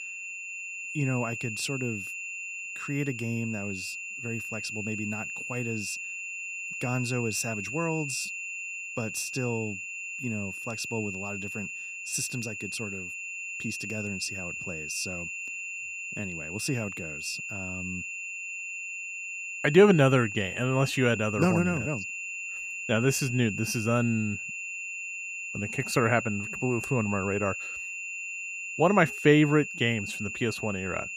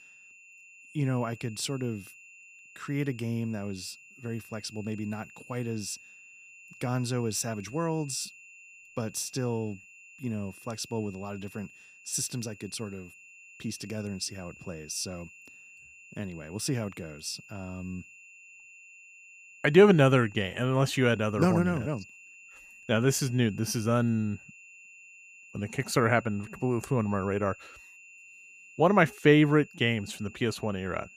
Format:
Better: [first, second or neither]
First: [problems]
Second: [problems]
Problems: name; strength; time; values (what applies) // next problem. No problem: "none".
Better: second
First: high-pitched whine; loud; throughout; 2.5 kHz, 5 dB below the speech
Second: high-pitched whine; faint; throughout; 2.5 kHz, 20 dB below the speech